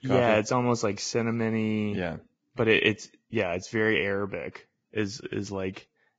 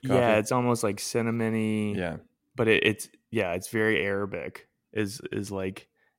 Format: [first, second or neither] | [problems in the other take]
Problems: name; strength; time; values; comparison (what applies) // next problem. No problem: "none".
second | garbled, watery; badly; nothing above 7.5 kHz